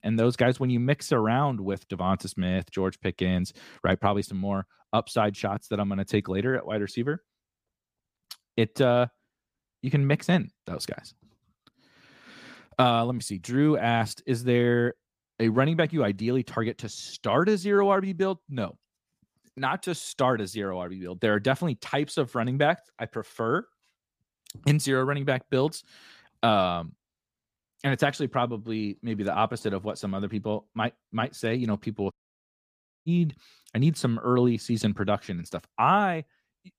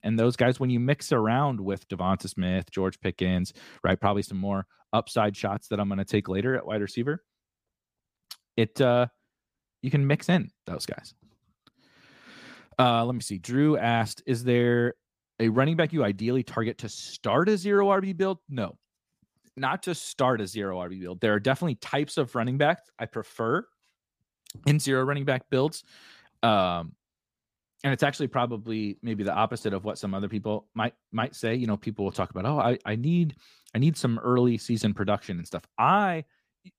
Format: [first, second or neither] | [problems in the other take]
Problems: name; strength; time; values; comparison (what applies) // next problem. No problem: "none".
second | audio cutting out; at 32 s for 1 s